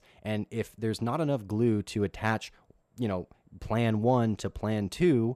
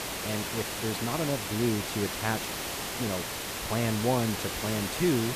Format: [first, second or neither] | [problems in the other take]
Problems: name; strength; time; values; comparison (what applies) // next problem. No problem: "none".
first | hiss; loud; throughout; 1 dB below the speech